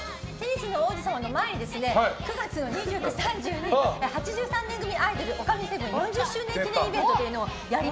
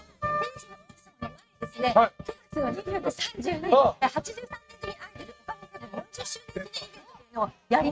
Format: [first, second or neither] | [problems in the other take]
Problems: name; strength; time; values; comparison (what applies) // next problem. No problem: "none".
first | noise reduction (neural mask model RNNoise)